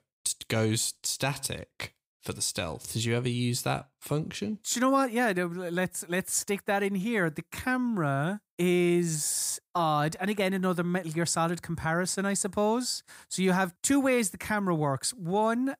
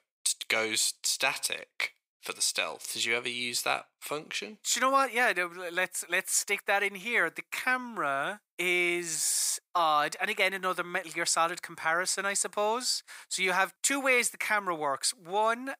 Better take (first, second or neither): first